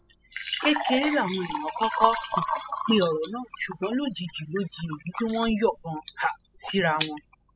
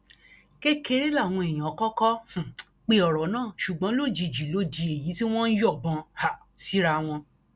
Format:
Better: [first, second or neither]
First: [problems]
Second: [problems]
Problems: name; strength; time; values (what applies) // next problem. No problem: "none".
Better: second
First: noise reduction (classical method spectral subtraction)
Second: none